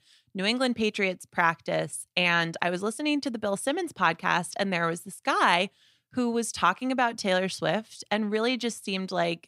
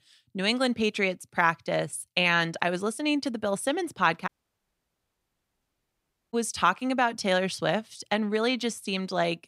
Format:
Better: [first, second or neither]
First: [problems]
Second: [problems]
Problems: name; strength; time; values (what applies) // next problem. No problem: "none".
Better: first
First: none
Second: audio cutting out; at 4.5 s for 2 s